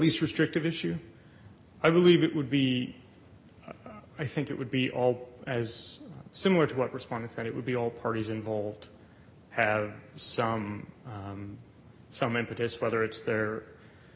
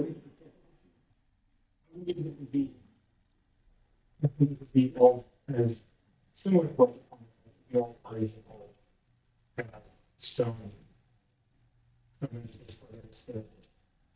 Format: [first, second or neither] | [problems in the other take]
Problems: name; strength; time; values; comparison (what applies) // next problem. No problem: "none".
first | noise reduction (neural mask model DeepFilterNet 3)